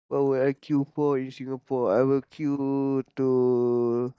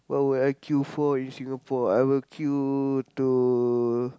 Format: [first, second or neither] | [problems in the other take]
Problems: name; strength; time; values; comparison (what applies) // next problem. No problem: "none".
second | noise reduction (neural mask model DeepFilterNet 3)